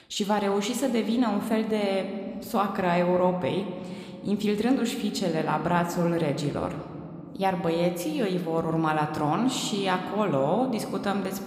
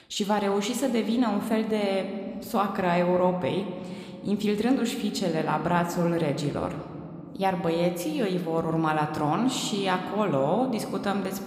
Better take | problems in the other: neither | room echo; slight; dies away in 1.7 s; the same in both

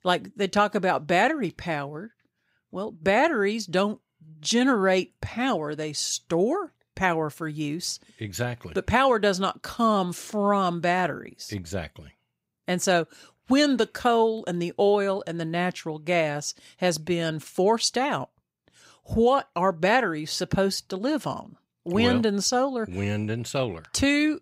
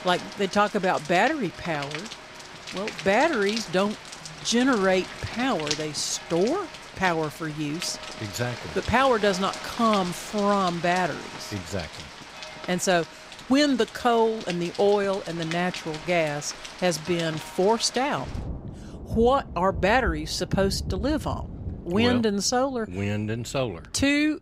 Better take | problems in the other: first | rain or running water; noticeable; throughout; 10 dB below the speech

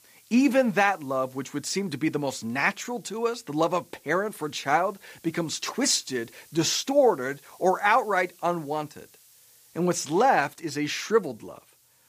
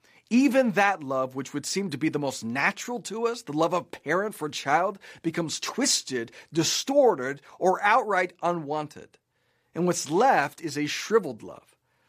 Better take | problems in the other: second | hiss; faint; throughout; 30 dB below the speech

